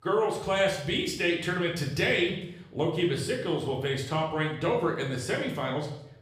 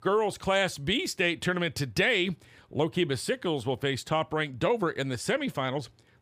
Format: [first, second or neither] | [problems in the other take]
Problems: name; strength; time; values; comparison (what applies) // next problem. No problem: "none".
second | room echo; noticeable; dies away in 0.7 s // off-mic speech; somewhat distant